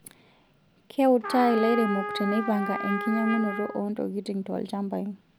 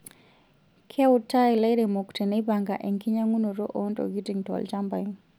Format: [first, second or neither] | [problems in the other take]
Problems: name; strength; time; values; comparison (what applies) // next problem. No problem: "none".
second | background sound (Trumpet); 8 dB below the speech